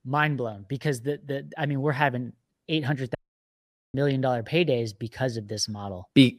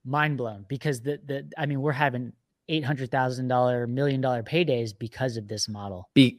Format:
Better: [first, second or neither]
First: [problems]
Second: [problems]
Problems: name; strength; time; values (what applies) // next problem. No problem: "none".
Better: second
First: audio cutting out; at 3 s for 1 s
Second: none